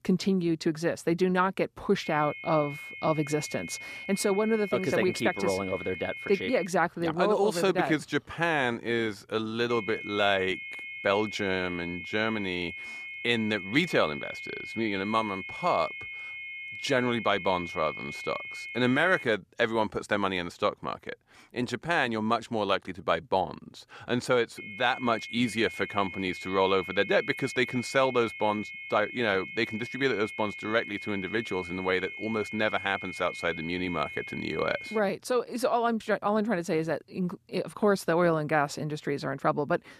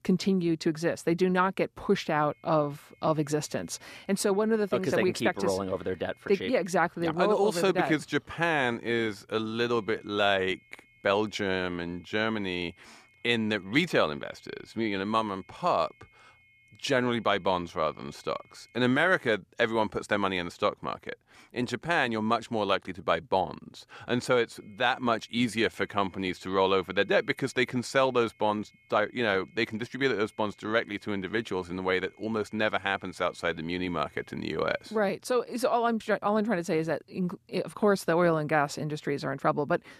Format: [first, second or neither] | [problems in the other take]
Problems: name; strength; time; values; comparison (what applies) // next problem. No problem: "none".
second | high-pitched whine; loud; from 2 to 6.5 s, from 9.5 to 19 s and from 25 to 35 s; 2 kHz, 9 dB below the speech; faint in the second